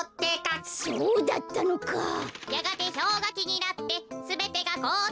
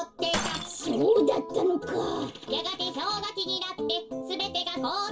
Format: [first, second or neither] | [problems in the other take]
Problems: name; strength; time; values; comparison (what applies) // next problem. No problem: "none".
first | background sound (Shatter); 14 dB below the speech // room echo; dies away in 0.2 s